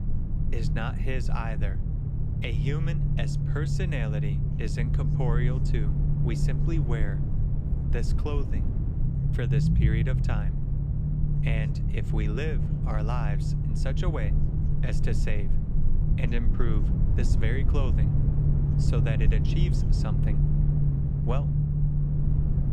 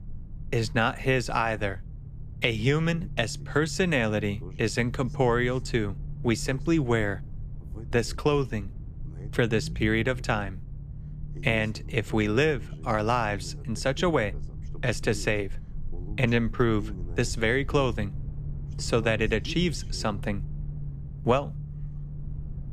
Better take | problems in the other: second | low rumble; loud; throughout; 1 dB below the speech; faint in the second

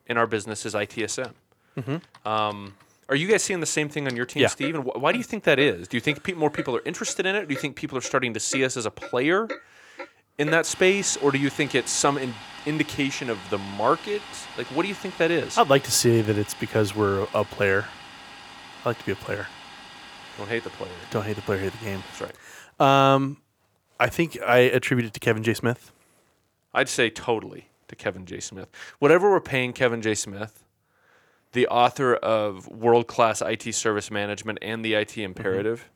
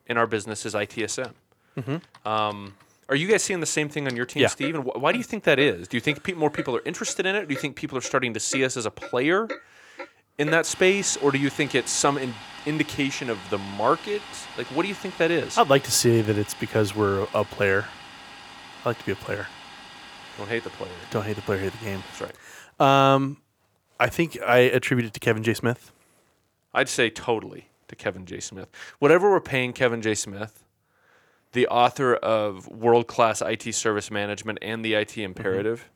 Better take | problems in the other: neither | household noises; noticeable; until 23 s; 15 dB below the speech; the same in both

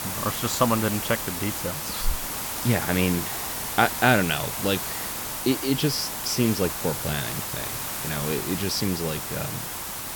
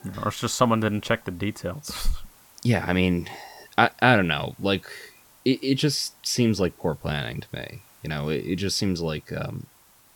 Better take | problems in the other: second | hiss; loud; throughout; 3 dB below the speech; faint in the second

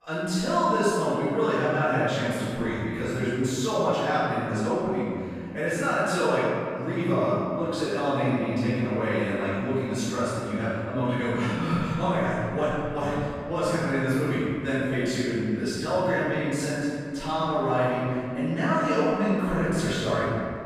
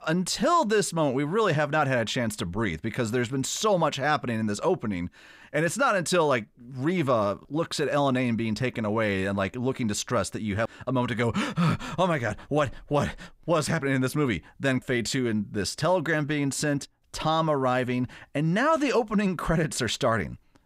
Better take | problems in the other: second | off-mic speech; far // room echo; strong; dies away in 2.1 s

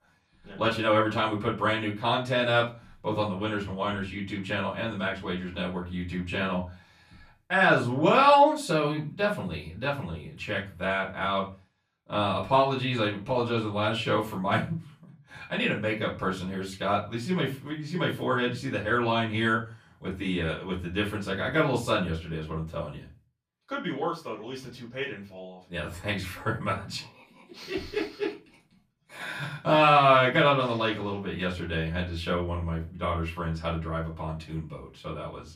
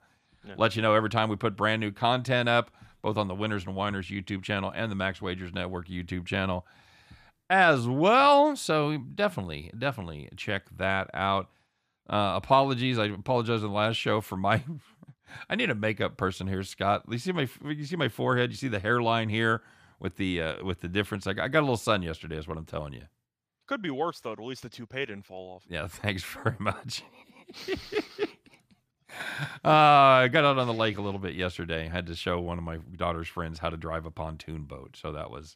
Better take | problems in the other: second | off-mic speech; far // room echo; very slight; dies away in 0.3 s

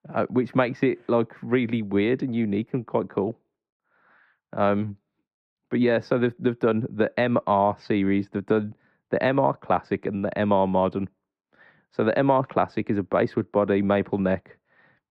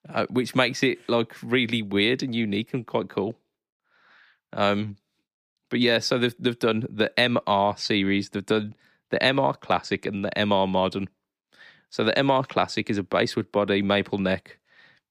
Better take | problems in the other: second | muffled; very; fading above 3 kHz

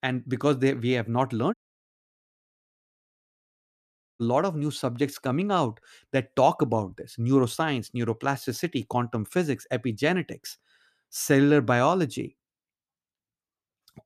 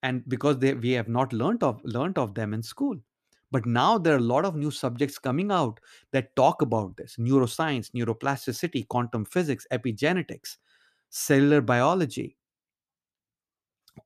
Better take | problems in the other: second | audio cutting out; at 1.5 s for 2.5 s

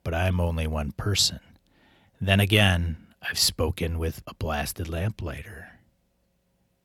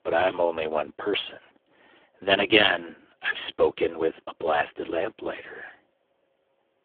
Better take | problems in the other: first | phone-call audio; poor line; nothing above 3.5 kHz

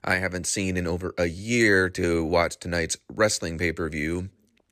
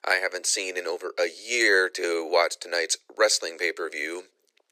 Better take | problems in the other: first | thin; very; fading below 400 Hz

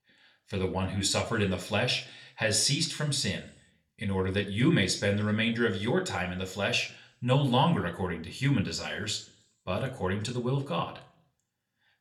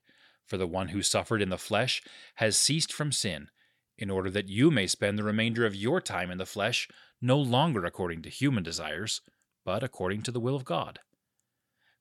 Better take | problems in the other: second | room echo; very slight; dies away in 0.4 s

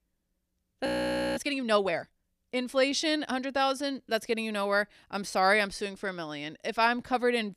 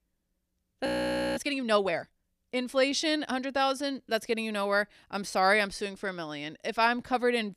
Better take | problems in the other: neither | audio freezing; at 1 s for 0.5 s; the same in both

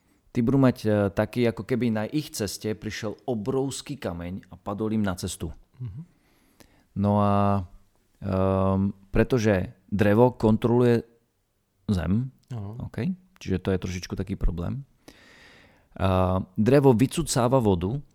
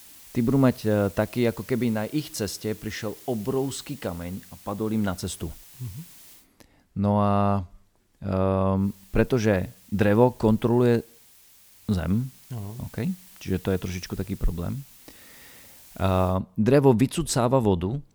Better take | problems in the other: first | hiss; faint; until 6.5 s and from 9 to 16 s; 20 dB below the speech

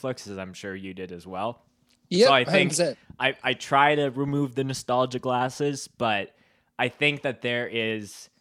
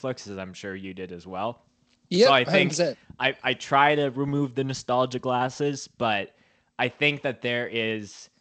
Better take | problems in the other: first | garbled, watery; slightly; nothing above 7.5 kHz

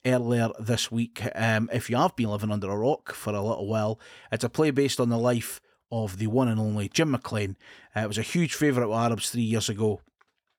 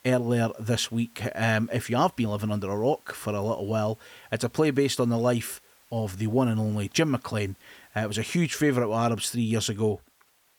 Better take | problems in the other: first | hiss; faint; throughout; 30 dB below the speech

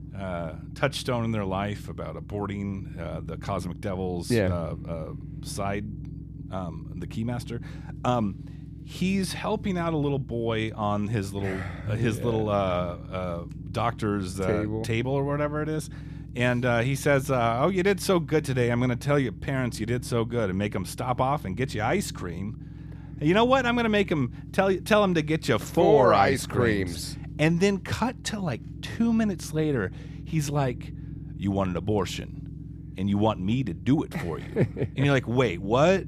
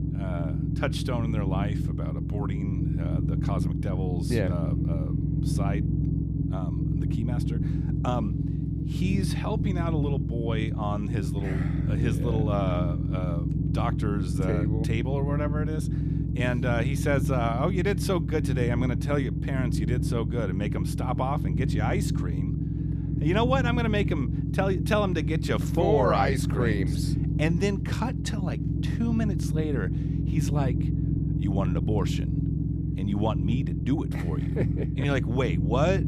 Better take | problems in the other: first | low rumble; loud; throughout; 6 dB below the speech; faint in the first

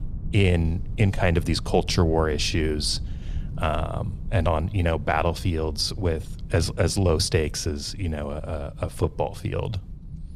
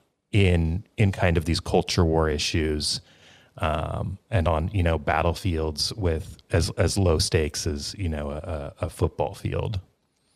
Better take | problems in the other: second | low rumble; faint; throughout; 25 dB below the speech

